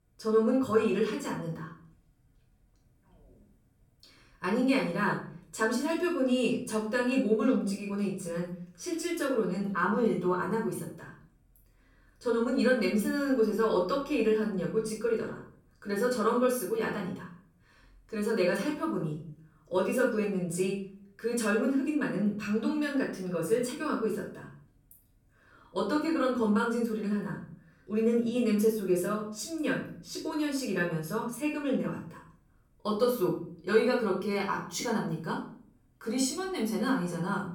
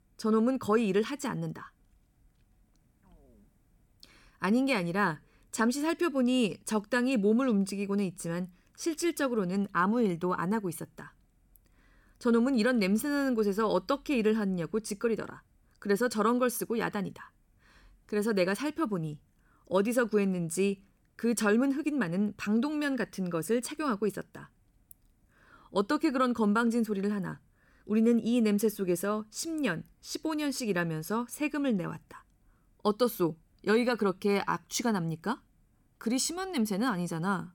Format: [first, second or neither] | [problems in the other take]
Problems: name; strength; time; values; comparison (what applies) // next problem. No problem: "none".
second | off-mic speech; far // room echo; noticeable; dies away in 0.5 s